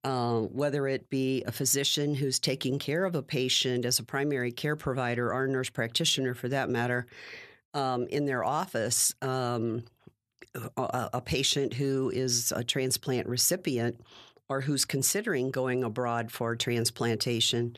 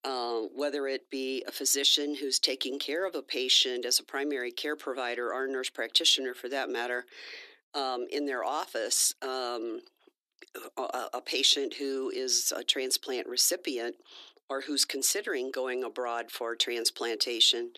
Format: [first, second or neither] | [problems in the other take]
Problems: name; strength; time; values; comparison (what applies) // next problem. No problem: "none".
first | thin; somewhat; fading below 300 Hz